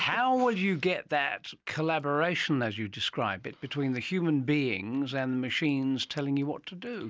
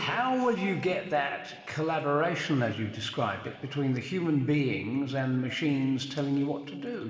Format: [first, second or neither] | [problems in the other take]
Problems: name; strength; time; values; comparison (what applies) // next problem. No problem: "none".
first | room echo; dies away in 2 s